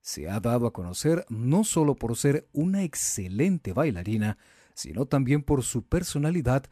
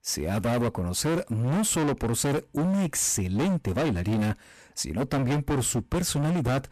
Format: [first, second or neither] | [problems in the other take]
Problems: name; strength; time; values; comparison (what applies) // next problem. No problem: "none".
first | distortion; heavy; 30% of the sound clipped